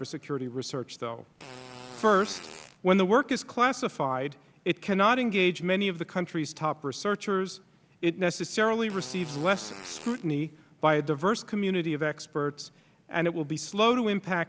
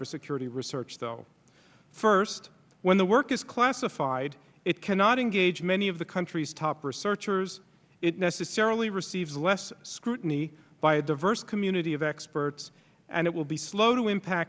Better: second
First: background sound (Fart); 17 dB below the speech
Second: none

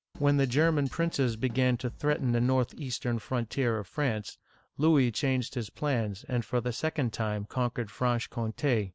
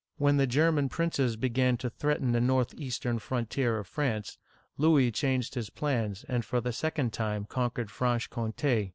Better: second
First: background sound (Drum kit); 19 dB below the speech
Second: none

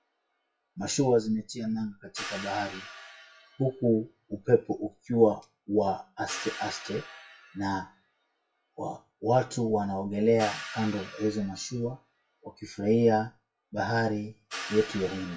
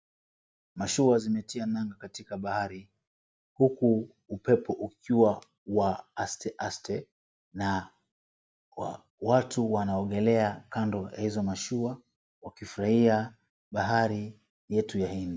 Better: second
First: noise reduction (classical method WPE with log-MMSE)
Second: none

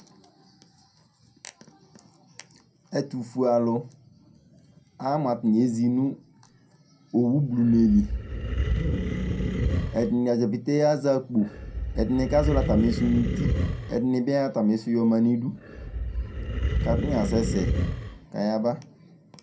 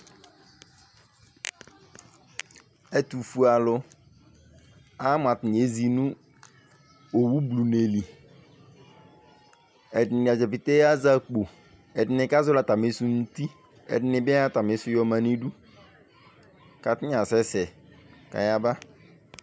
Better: second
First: background sound (Animal); 1 dB below the speech // room echo; dies away in 0.2 s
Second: none

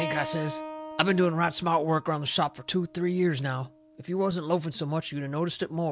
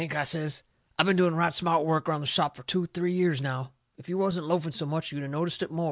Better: second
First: background sound (Keyboard (musical)); 14 dB below the speech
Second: none

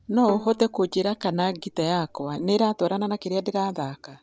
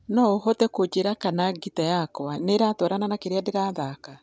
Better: second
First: background sound (Bowed string instrument); 16 dB below the speech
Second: none

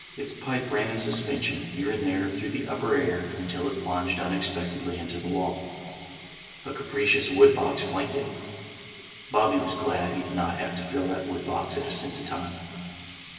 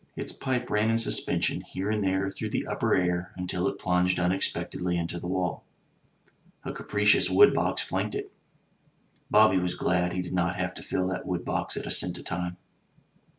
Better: second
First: background sound (Sink (filling or washing)); 17 dB below the speech // room echo; dies away in 2.6 s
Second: none

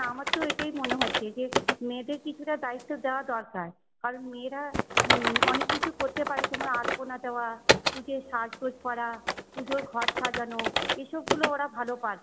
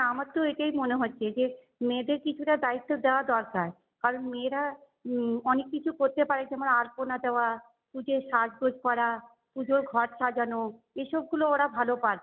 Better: second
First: background sound (Typing); 2 dB above the speech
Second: none

